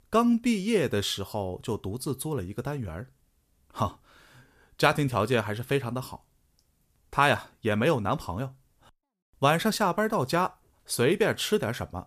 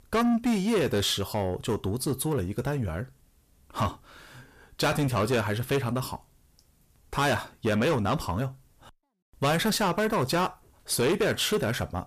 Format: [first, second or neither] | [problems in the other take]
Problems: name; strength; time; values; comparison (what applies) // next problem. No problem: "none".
first | distortion; heavy; 7 dB below the speech